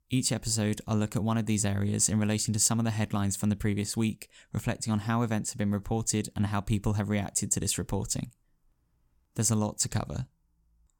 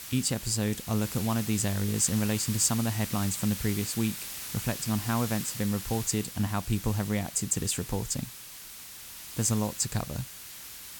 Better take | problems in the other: first | hiss; loud; throughout; 8 dB below the speech

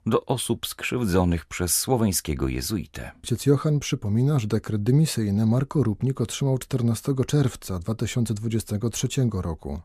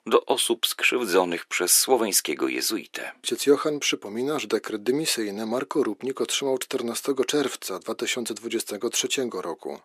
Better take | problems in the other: first | thin; somewhat; fading below 350 Hz

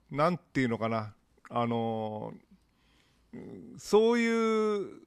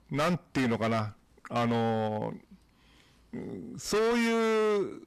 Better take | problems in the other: first | distortion; heavy; 18% of the sound clipped

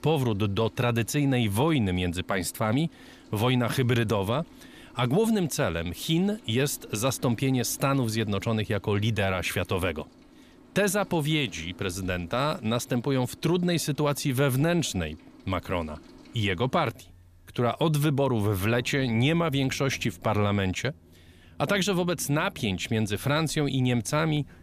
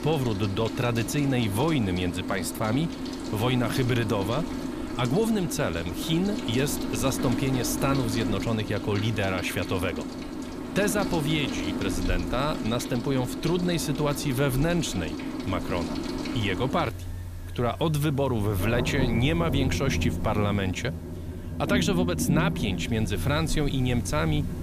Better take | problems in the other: first | rain or running water; loud; throughout; 5 dB below the speech; faint in the first

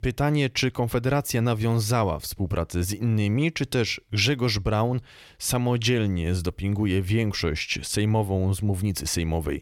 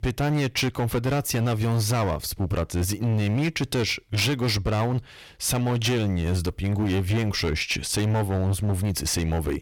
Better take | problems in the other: first | distortion; slight; 19% of the sound clipped

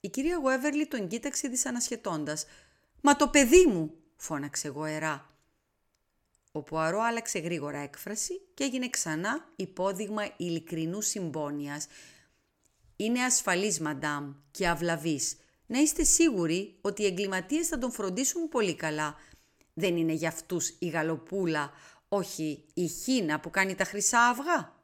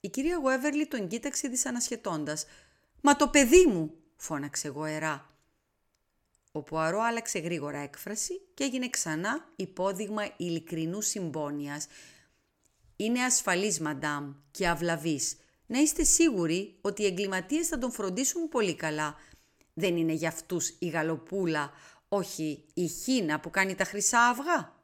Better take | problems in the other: neither | none

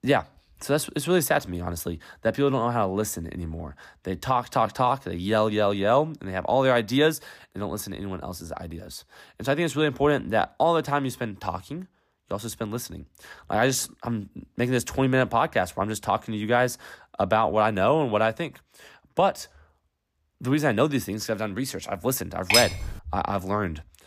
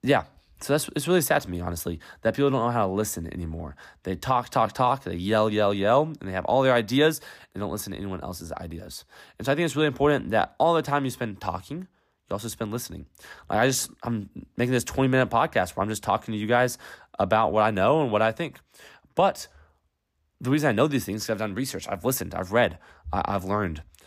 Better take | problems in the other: second | clattering dishes; loud; at 23 s; peak 5 dB above the speech

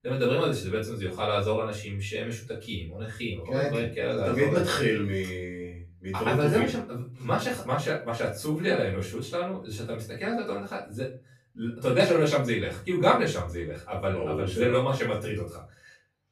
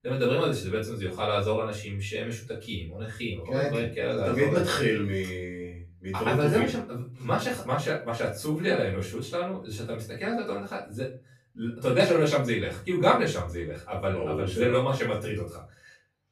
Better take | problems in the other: neither | off-mic speech; far; the same in both // room echo; slight; dies away in 0.4 s; the same in both

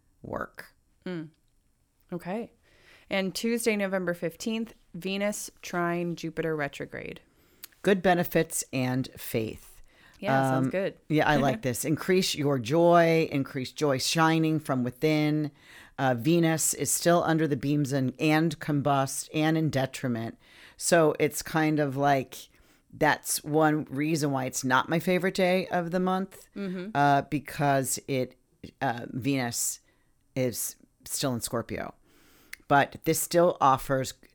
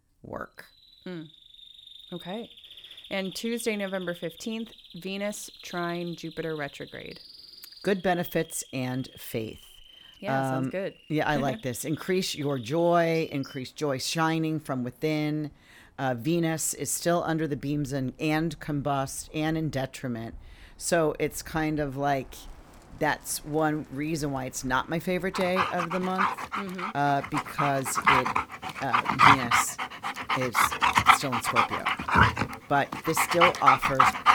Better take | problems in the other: first | animal sounds; very loud; throughout; 5 dB above the speech

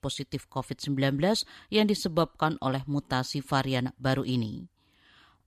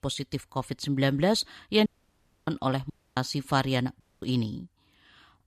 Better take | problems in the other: first | audio cutting out; at 2 s for 0.5 s, at 3 s and at 4 s

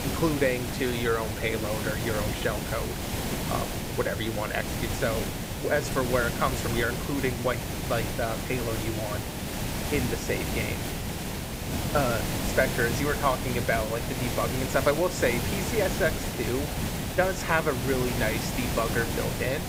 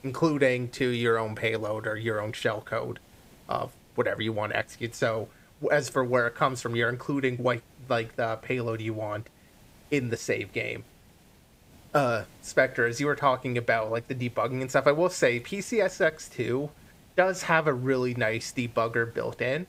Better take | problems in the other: second | hiss; loud; throughout; 2 dB below the speech; faint in the second

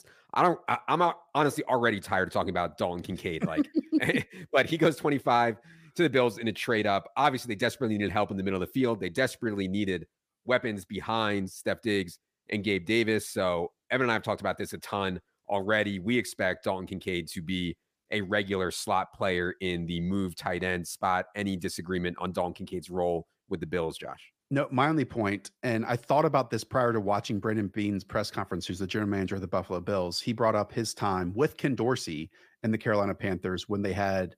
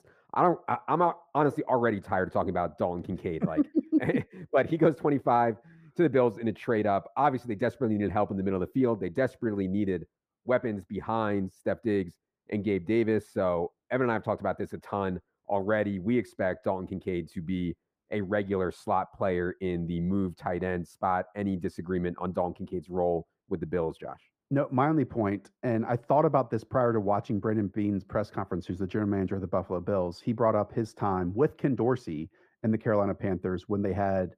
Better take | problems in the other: first | muffled; very; fading above 2 kHz

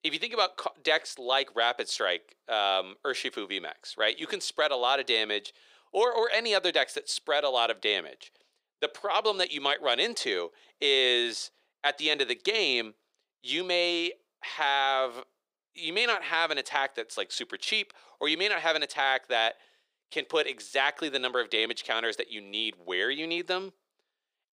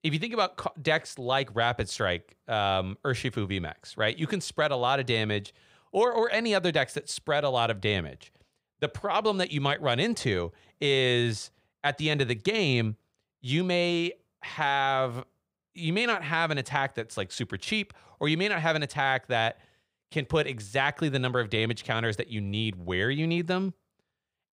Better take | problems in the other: second | thin; very; fading below 350 Hz

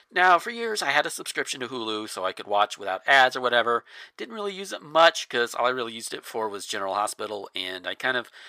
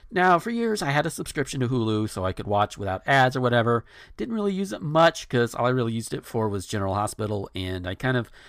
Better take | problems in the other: second | thin; very; fading below 500 Hz

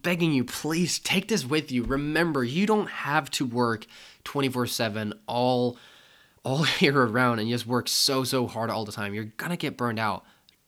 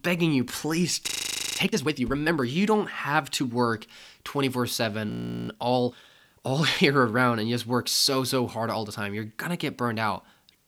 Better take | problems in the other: first | audio freezing; at 1 s for 0.5 s and at 5 s

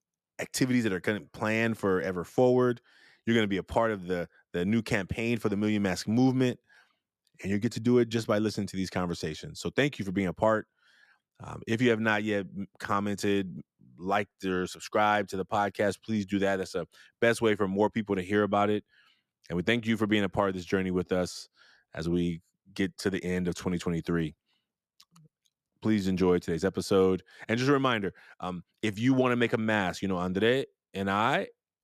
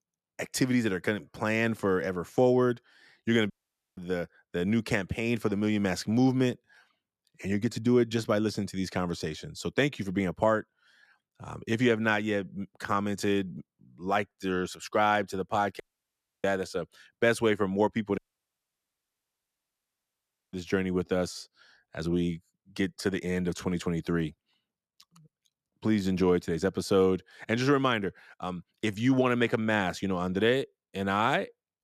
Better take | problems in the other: first | audio cutting out; at 3.5 s, at 16 s for 0.5 s and at 18 s for 2.5 s

